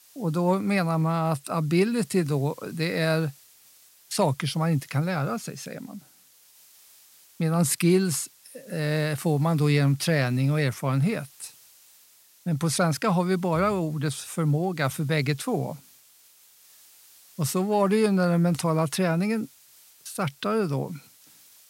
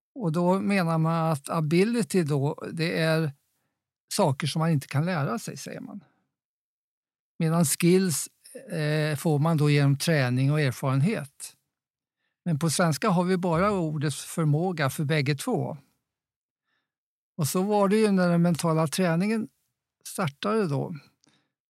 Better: second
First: hiss; faint; throughout; 25 dB below the speech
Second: none

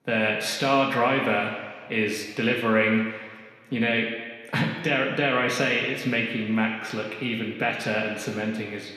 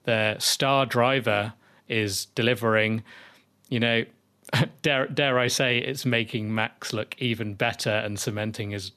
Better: second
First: room echo; noticeable; dies away in 1.6 s // off-mic speech; somewhat distant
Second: none

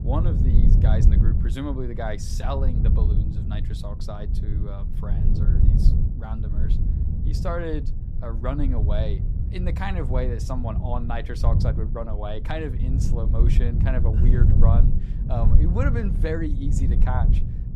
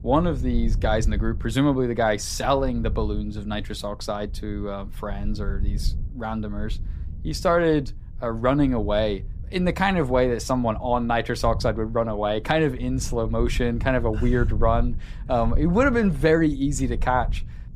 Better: second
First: low rumble; loud; throughout; 5 dB below the speech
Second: low rumble; faint; throughout; 25 dB below the speech

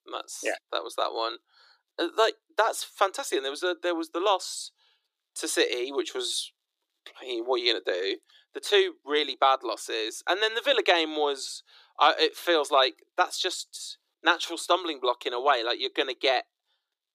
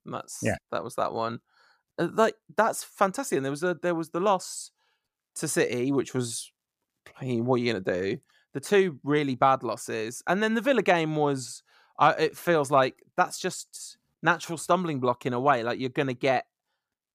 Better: second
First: thin; very; fading below 300 Hz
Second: none

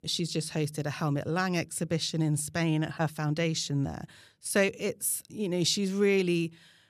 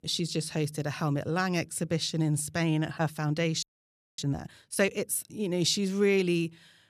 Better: first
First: none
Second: audio freezing; at 3.5 s for 0.5 s

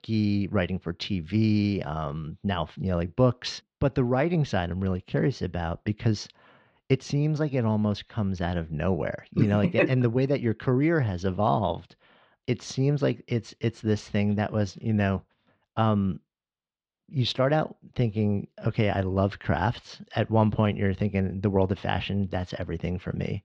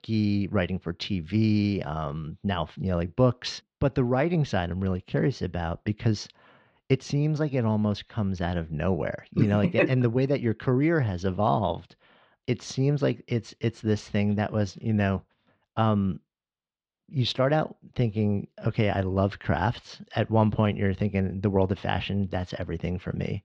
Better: neither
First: muffled; slightly; fading above 4 kHz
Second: muffled; slightly; fading above 4 kHz

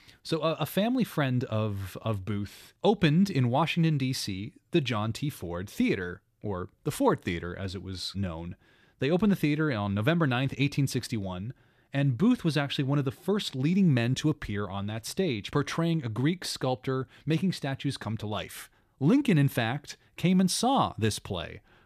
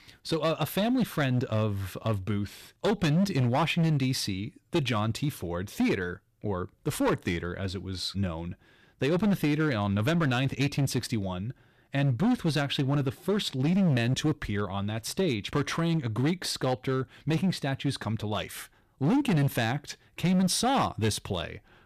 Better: first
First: none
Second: distortion; slight; 9% of the sound clipped

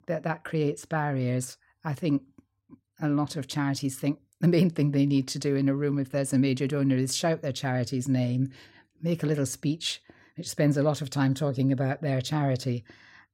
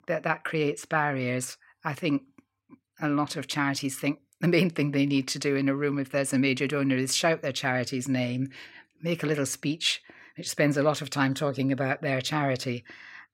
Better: first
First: none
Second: thin; very slightly; fading below 250 Hz

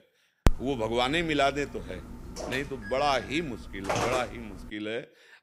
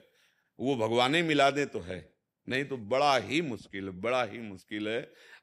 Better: second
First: phone ringing; loud; until 4 s; peak 1 dB above the speech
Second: none

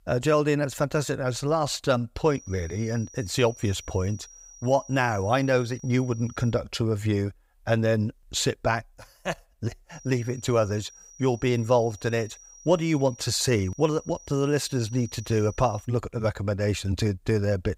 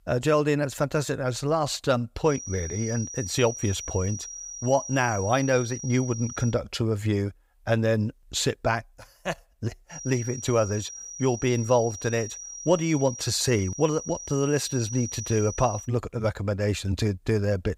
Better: first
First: high-pitched whine; faint; from 2.5 to 6.5 s and from 10 to 16 s; 6 kHz, 20 dB below the speech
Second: high-pitched whine; loud; from 2.5 to 6.5 s and from 10 to 16 s; 6 kHz, 9 dB below the speech

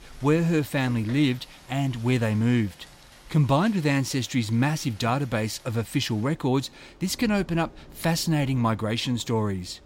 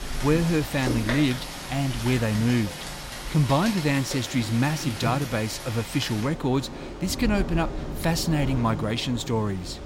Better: first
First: rain or running water; faint; throughout; 25 dB below the speech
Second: rain or running water; loud; throughout; 8 dB below the speech

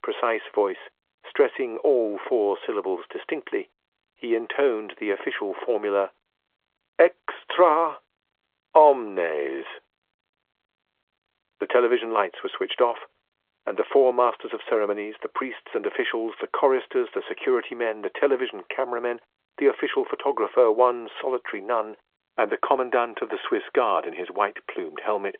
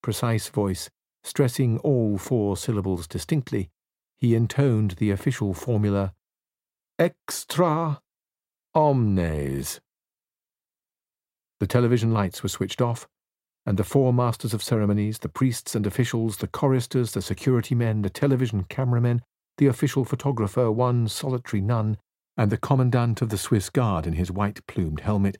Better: second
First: phone-call audio; nothing above 3.5 kHz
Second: none

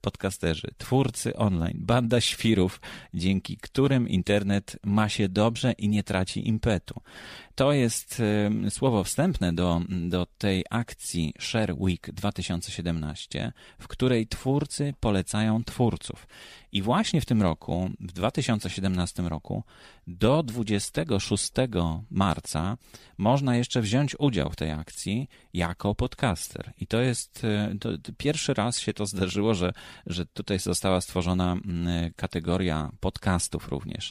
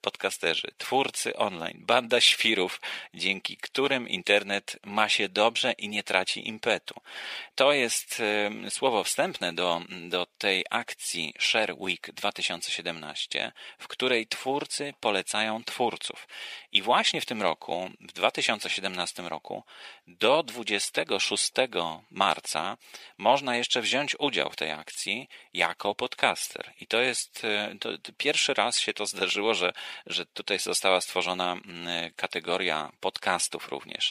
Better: first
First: none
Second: thin; very; fading below 500 Hz

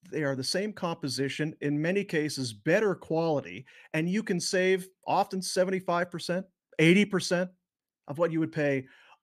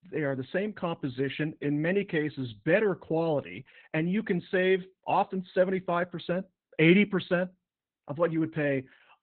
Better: first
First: none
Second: garbled, watery; badly; nothing above 4 kHz

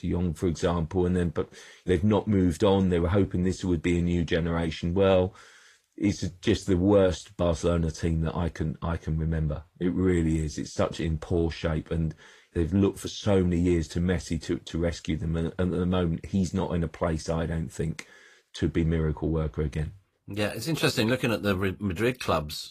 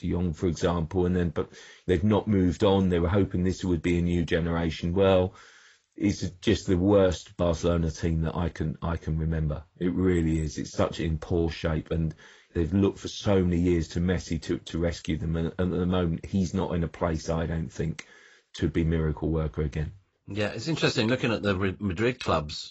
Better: first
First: garbled, watery; slightly; nothing above 14.5 kHz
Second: garbled, watery; badly; nothing above 7.5 kHz

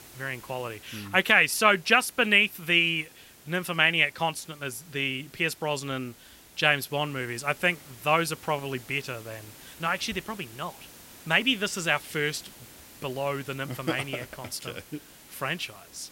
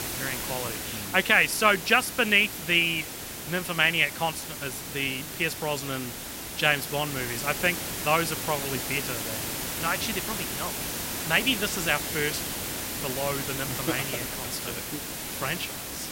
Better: first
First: hiss; faint; throughout; 20 dB below the speech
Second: hiss; loud; throughout; 5 dB below the speech

